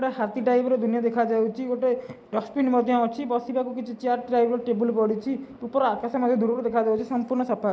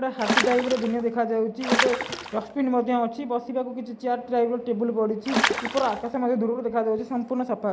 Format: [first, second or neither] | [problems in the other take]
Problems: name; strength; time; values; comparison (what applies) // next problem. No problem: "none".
first | background sound (Water / Splash, splatter); 1 dB below the speech